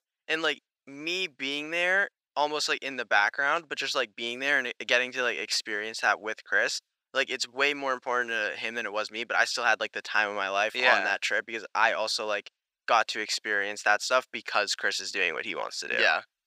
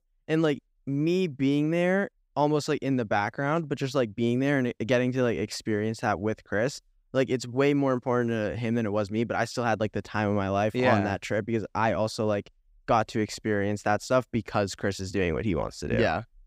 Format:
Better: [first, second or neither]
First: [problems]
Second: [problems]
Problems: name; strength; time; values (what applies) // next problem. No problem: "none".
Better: second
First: thin; very; fading below 700 Hz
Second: none